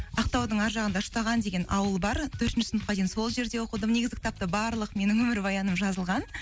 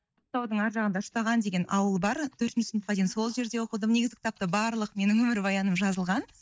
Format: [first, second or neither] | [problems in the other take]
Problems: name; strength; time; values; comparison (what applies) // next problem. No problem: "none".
first | noise reduction (neural mask model DeepFilterNet 3)